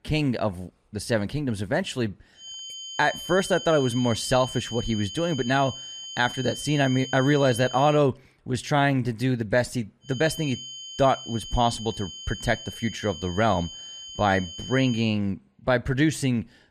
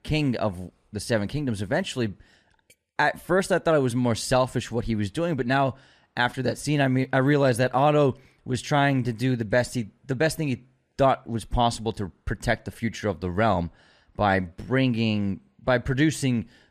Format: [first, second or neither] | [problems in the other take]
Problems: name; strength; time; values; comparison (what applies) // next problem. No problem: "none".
second | high-pitched whine; noticeable; from 2.5 to 8 s and from 10 to 15 s; 3 kHz, 10 dB below the speech